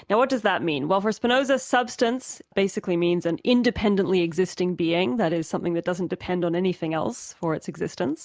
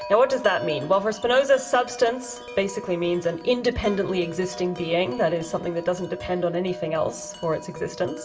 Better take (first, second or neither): first